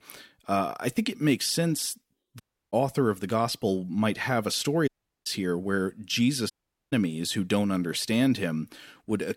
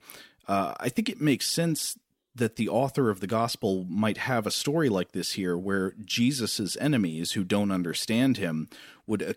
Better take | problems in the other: second | audio cutting out; at 2.5 s, at 5 s and at 6.5 s

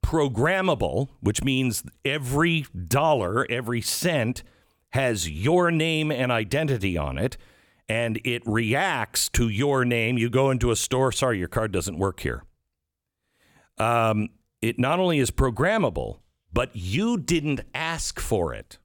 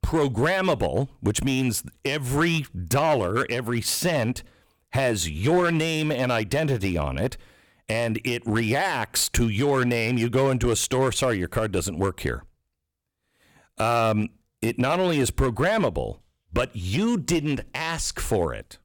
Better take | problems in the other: first | distortion; slight; 5% of the sound clipped

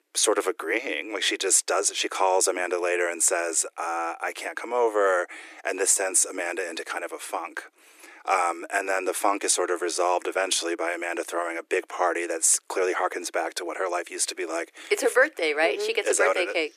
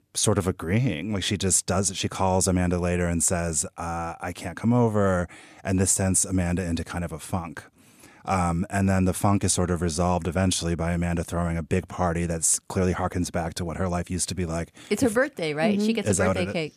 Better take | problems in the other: second | thin; very; fading below 300 Hz

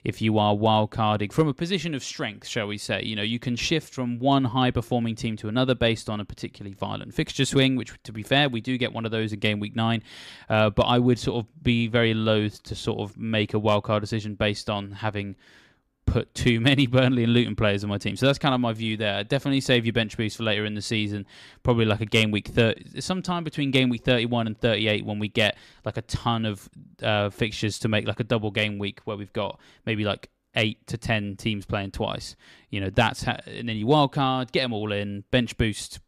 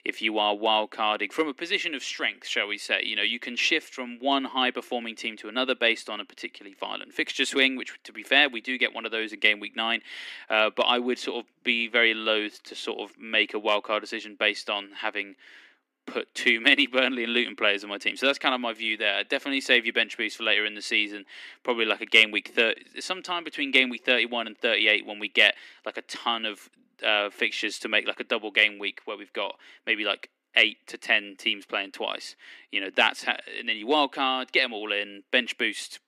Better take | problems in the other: first | thin; somewhat; fading below 250 Hz

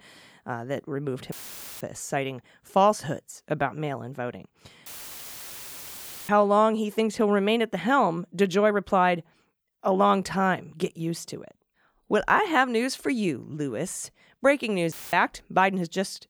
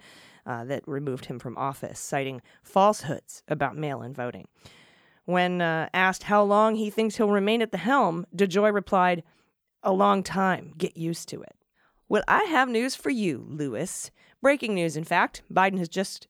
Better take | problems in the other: second | audio cutting out; filled with static; at 1.5 s, at 5 s for 1.5 s and at 15 s

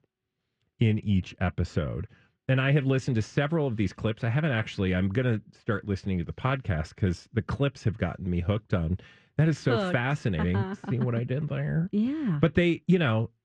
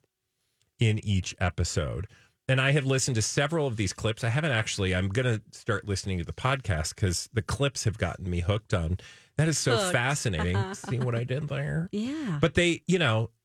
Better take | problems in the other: second | muffled; slightly; fading above 3 kHz

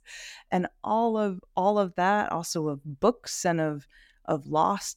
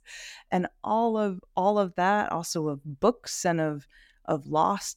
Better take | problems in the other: neither | none

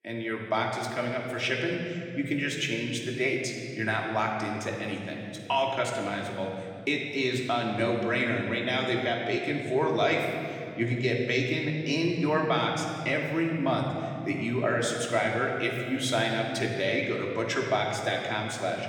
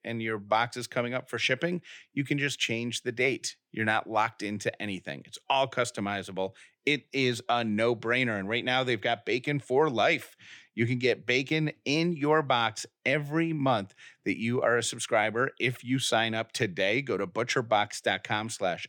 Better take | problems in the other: second | room echo; noticeable; dies away in 2.4 s // off-mic speech; somewhat distant

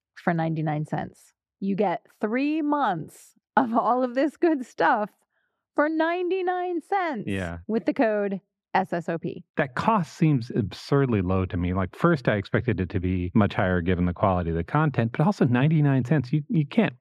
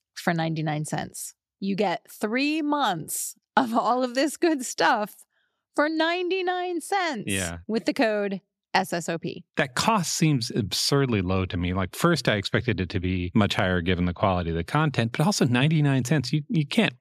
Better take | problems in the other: second | muffled; very; fading above 3 kHz

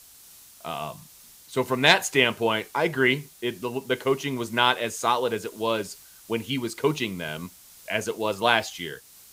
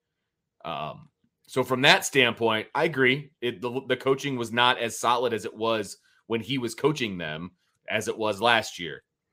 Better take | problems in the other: second | hiss; faint; throughout; 20 dB below the speech

